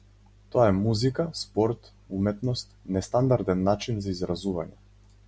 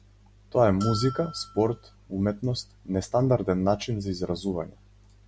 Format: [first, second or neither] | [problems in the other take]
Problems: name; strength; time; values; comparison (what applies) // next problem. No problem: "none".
first | background sound (Bell); 12 dB below the speech